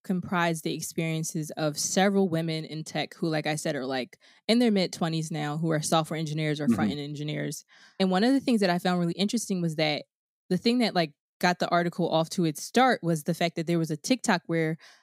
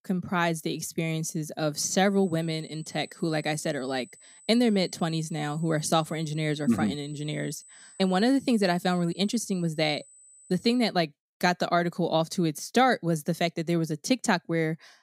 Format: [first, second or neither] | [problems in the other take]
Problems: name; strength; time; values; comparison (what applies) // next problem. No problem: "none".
first | high-pitched whine; faint; from 2 to 11 s; 8 kHz, 25 dB below the speech